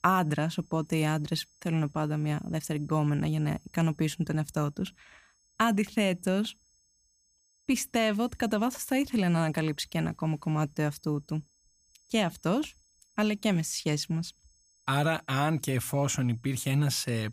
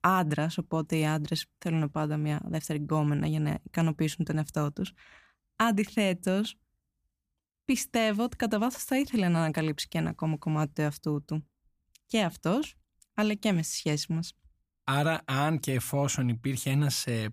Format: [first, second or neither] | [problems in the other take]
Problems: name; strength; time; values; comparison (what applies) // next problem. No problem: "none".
second | high-pitched whine; faint; throughout; 6.5 kHz, 35 dB below the speech